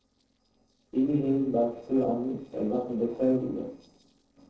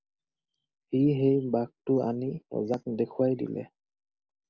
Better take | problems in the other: second | noise reduction (neural separator model SepFormer DNS4)

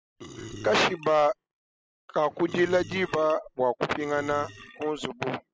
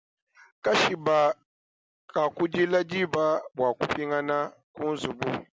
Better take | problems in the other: second | noise reduction (classical method spectral subtraction)

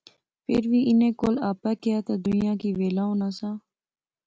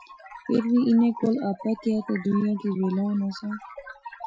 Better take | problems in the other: first | noise reduction (classical method Wiener filter)

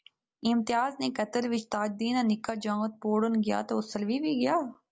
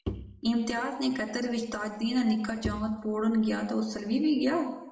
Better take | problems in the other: first | background sound (Bowed string instrument); 12 dB below the speech // room echo; dies away in 0.8 s

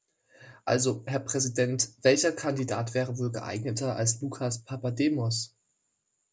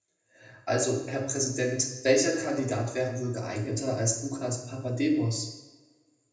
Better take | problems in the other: first | room echo; dies away in 0.8 s

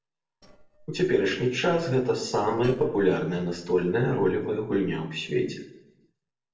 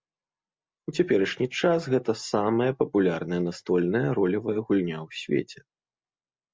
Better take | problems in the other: second | noise reduction (neural separator model SepFormer DNS4)

